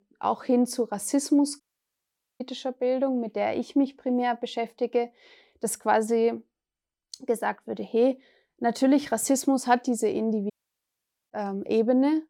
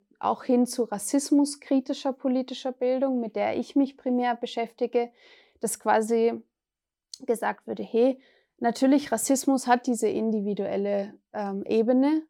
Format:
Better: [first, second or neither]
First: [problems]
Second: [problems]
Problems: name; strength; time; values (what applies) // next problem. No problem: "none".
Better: second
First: audio cutting out; at 1.5 s for 1 s and at 11 s for 1 s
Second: none